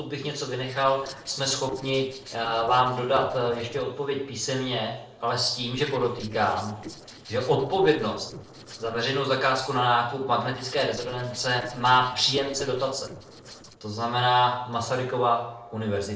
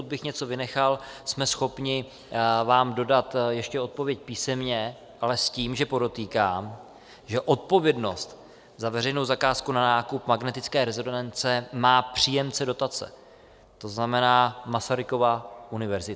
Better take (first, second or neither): second